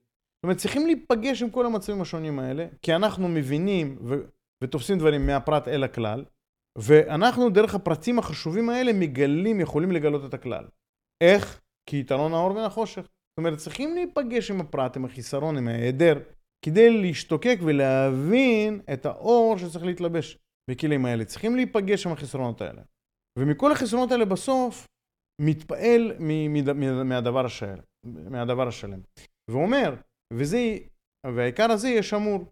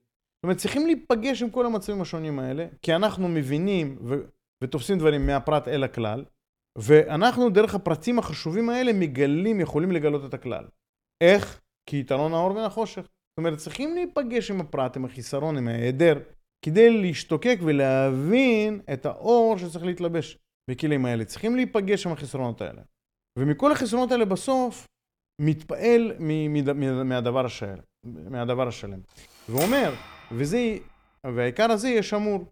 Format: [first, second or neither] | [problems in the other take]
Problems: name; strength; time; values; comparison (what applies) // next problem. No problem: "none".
first | keyboard typing; noticeable; at 30 s; peak 6 dB below the speech